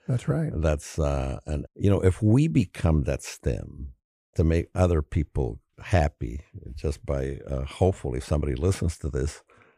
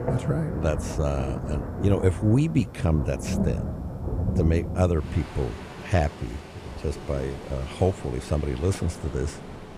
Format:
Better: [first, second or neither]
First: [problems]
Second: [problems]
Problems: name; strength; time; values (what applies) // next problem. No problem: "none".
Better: first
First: none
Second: rain or running water; loud; throughout; 7 dB below the speech